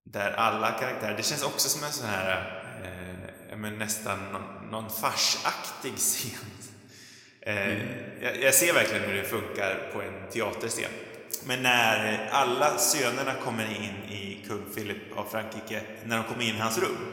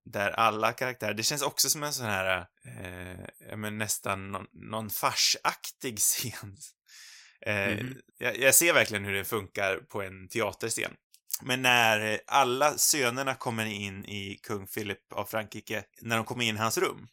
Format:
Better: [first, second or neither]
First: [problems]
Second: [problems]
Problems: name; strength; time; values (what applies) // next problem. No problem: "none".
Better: second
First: room echo; slight; dies away in 1.7 s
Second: none